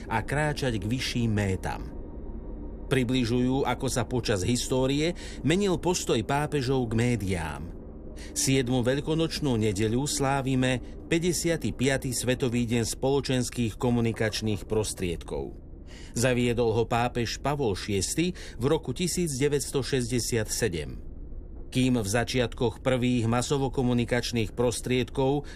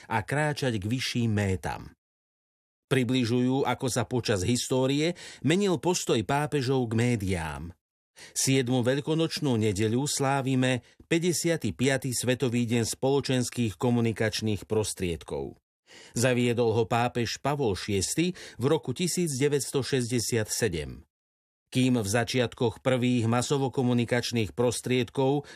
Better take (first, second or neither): second